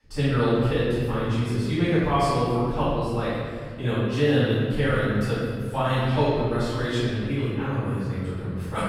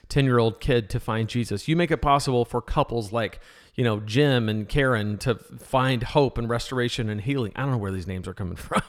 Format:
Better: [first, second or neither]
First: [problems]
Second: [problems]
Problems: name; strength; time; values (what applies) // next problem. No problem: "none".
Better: second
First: off-mic speech; far // room echo; strong; dies away in 2 s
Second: none